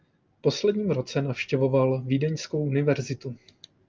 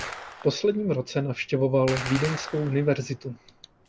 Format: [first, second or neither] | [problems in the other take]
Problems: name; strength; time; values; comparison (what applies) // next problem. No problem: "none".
first | background sound (Gunshot, gunfire); 13 dB below the speech